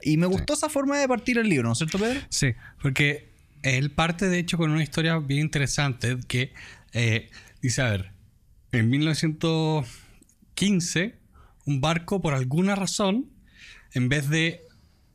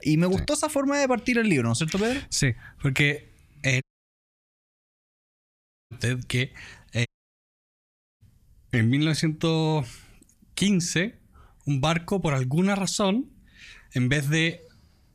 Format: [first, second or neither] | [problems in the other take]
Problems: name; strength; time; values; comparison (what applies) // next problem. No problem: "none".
first | audio cutting out; at 4 s for 2 s and at 7 s for 1 s